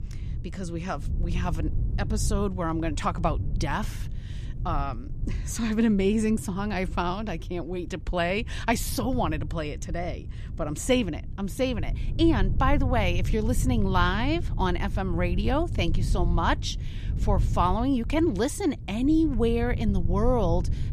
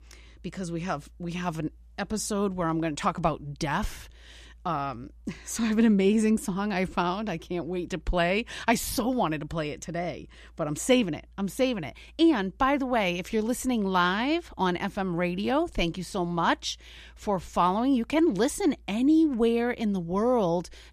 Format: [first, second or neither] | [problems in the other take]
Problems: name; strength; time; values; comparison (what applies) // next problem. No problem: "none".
second | low rumble; noticeable; throughout; 15 dB below the speech